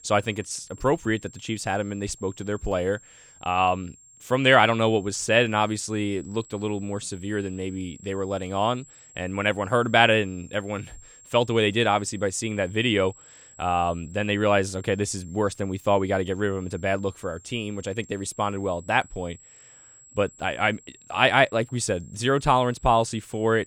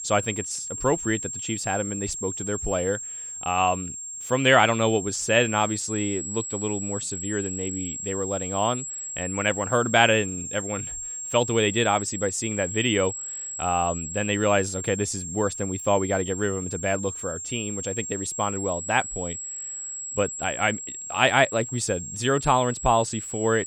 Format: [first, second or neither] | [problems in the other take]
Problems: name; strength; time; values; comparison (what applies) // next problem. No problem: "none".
first | high-pitched whine; loud; throughout; 7.5 kHz, 6 dB below the speech; faint in the first